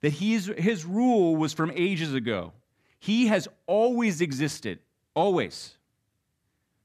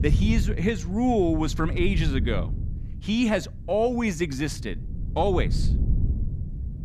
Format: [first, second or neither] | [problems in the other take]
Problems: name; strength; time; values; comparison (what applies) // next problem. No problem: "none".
first | wind noise on the microphone; occasional gusts; 15 dB below the speech